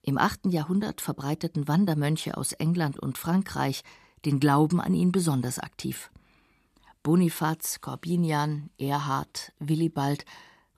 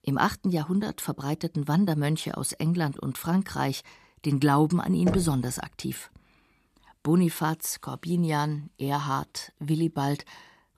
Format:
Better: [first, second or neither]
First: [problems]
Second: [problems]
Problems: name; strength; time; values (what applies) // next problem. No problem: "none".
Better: first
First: none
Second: door banging; noticeable; at 5 s; peak 5 dB below the speech